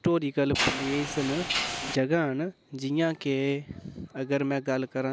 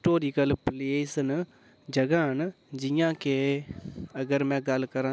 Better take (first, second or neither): second